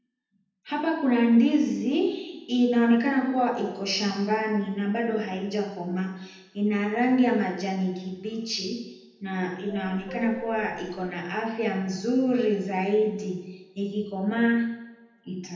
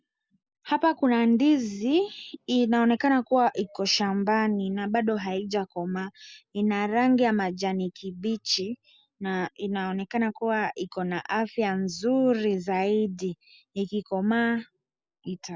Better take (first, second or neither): second